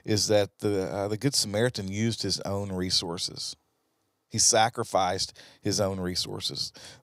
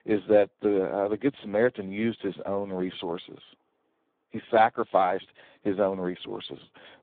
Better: first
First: none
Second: phone-call audio; poor line; nothing above 3.5 kHz

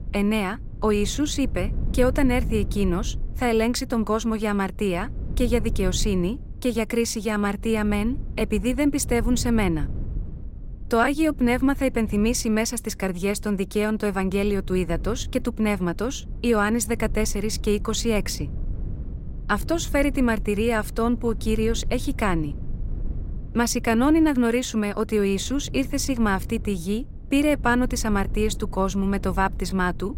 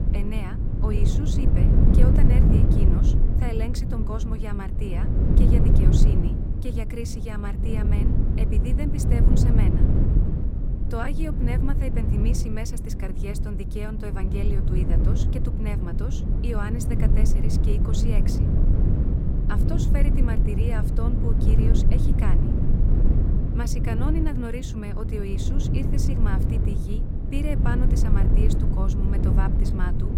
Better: first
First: wind noise on the microphone; occasional gusts; 20 dB below the speech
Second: wind noise on the microphone; heavy; 1 dB above the speech

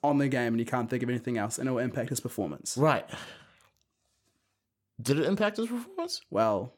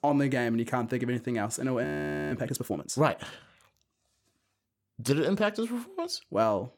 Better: first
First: none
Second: audio freezing; at 2 s

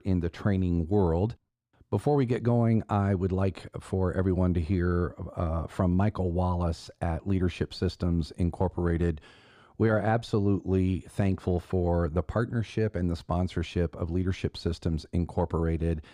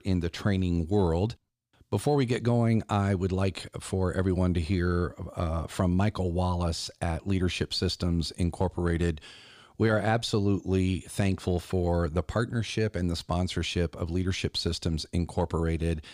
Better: second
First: muffled; slightly; fading above 2 kHz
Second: none

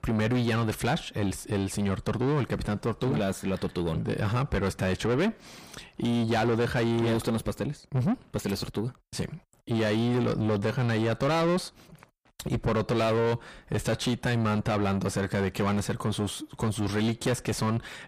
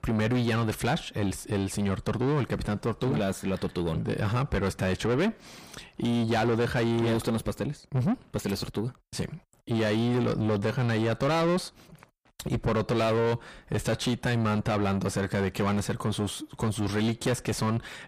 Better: neither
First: distortion; heavy; 7 dB below the speech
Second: distortion; heavy; 7 dB below the speech

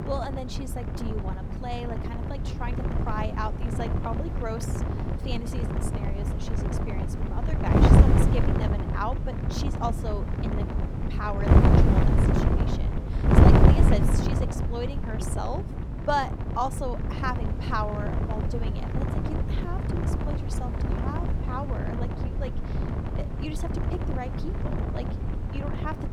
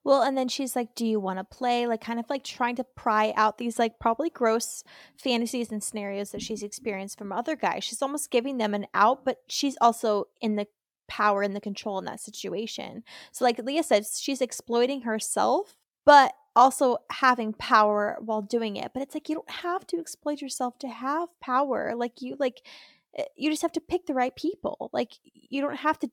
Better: second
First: wind noise on the microphone; heavy; 1 dB above the speech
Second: none

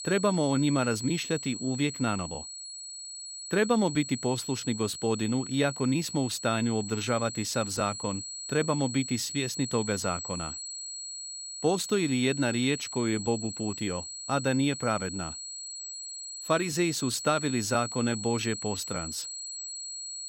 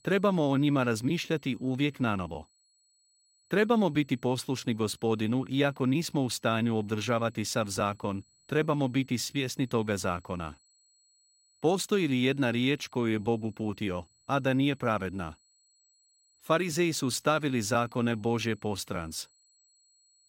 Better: second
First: high-pitched whine; loud; throughout; 8 kHz, 7 dB below the speech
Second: high-pitched whine; faint; throughout; 8 kHz, 35 dB below the speech

